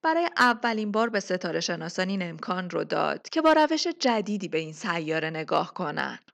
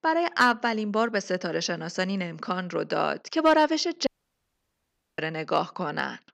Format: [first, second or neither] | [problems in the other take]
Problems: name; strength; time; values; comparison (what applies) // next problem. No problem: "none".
first | audio cutting out; at 4 s for 1 s